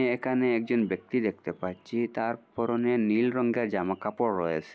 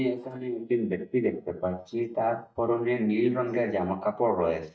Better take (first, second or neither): first